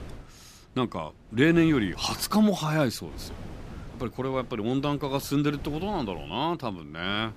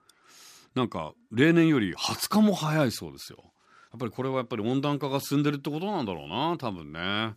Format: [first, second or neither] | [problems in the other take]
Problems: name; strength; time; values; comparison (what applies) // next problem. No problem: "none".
second | wind noise on the microphone; occasional gusts; 20 dB below the speech